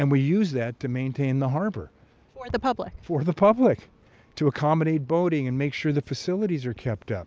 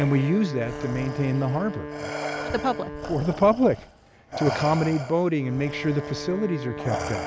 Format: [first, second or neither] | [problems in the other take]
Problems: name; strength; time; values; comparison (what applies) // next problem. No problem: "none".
first | background sound (Wind instrument, woodwind instrument + Respiratory sounds); 8 dB below the speech